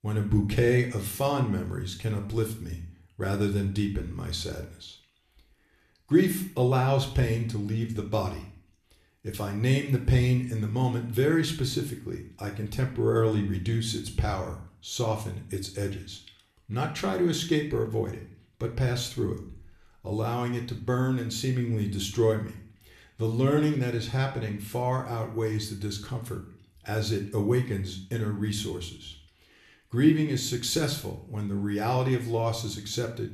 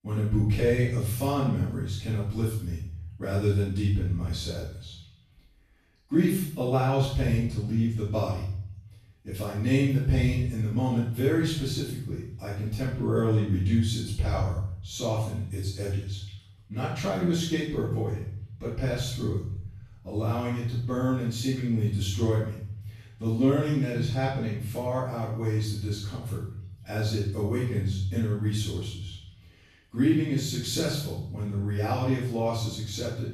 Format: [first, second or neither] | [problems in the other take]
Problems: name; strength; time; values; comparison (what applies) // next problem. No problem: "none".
first | room echo; strong; dies away in 0.8 s; slight in the first // off-mic speech; far